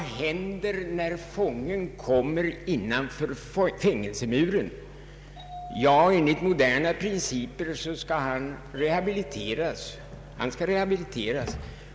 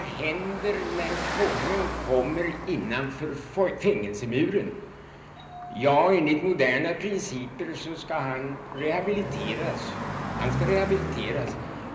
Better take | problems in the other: first | background sound (Car passing by); 7 dB below the speech // room echo; dies away in 0.5 s

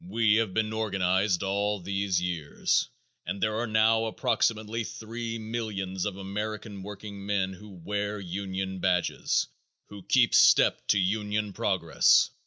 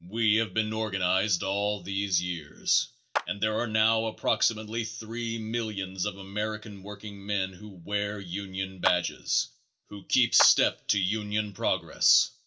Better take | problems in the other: first | background sound (Clapping); 9 dB below the speech // room echo; dies away in 0.2 s

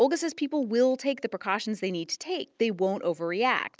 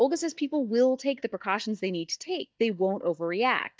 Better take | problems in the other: first | noise reduction (neural mask model DeepFilterNet 3)

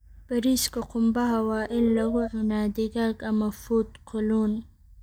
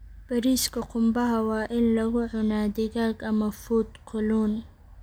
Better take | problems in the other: second | noise reduction (neural mask model DeepFilterNet 3)

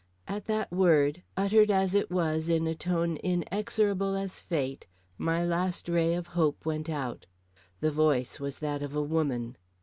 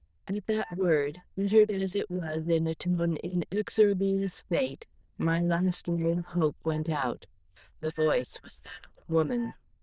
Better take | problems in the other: first | noise reduction (neural diffusion model UNIVERSE++)

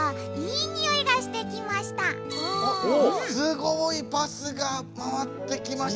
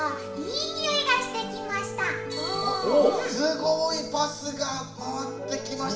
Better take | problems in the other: first | room echo; dies away in 0.8 s

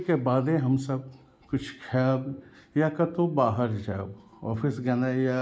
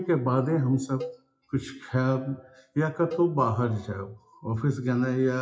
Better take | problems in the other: first | noise reduction (classical method WPE with log-MMSE)

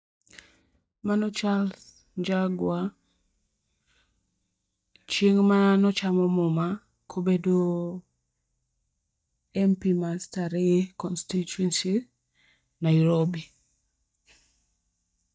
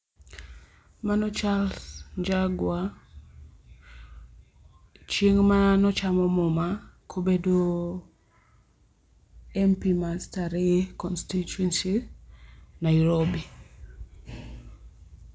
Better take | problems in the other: second | noise reduction (neural mask model DeepFilterNet 3)

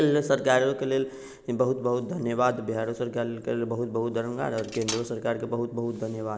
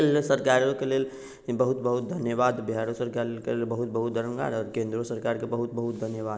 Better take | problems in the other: second | background sound (Cutlery, silverware); 13 dB below the speech

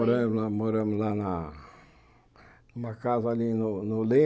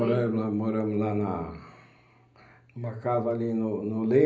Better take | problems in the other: first | room echo; dies away in 0.5 s

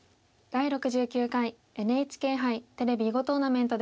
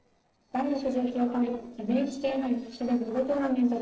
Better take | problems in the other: first | noise reduction (neural separator model SepFormer DNS4)

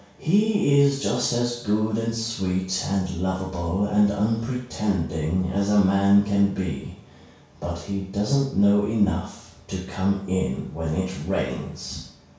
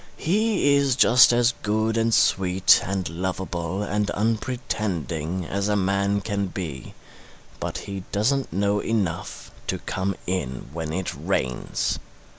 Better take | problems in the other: second | room echo; dies away in 0.6 s

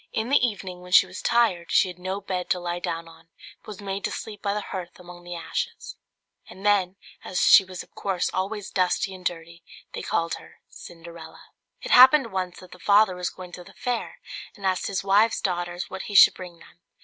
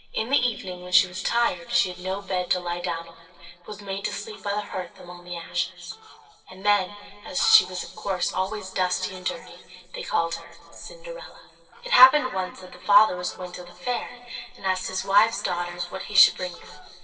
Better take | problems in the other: first | noise reduction (neural separator model SepFormer DNS4)

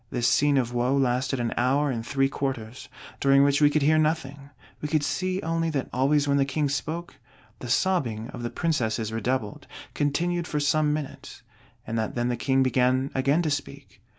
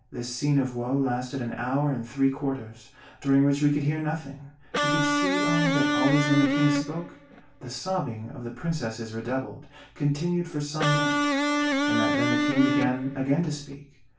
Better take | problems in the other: first | background sound (Electric guitar); 2 dB above the speech // room echo; dies away in 0.3 s

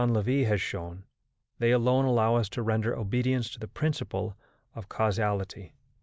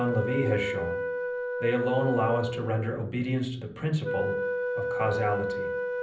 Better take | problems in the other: first | background sound (Wind instrument, woodwind instrument); 2 dB below the speech // room echo; dies away in 0.6 s

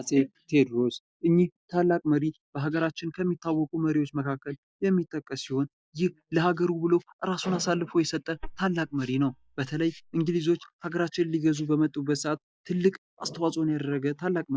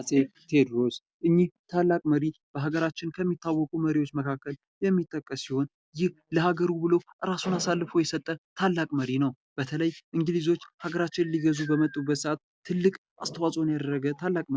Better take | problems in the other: second | noise reduction (neural mask model DeepFilterNet 3)

